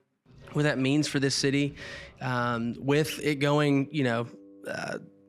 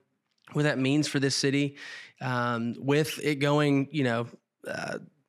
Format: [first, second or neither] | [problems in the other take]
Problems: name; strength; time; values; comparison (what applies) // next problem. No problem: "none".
second | background music; faint; throughout; 25 dB below the speech